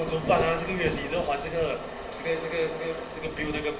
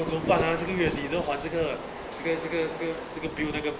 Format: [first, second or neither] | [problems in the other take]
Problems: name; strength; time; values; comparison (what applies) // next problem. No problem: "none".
second | room echo; dies away in 1.6 s